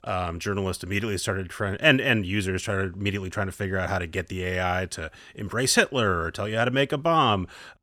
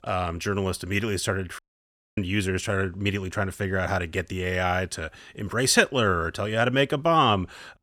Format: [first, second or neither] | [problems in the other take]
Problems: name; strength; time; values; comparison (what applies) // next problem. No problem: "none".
first | audio cutting out; at 1.5 s for 0.5 s